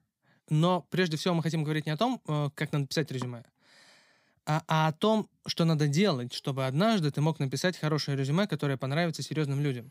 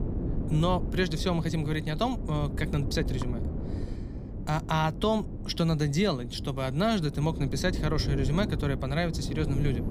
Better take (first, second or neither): first